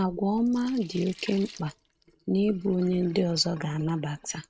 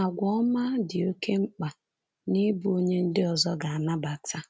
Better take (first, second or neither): second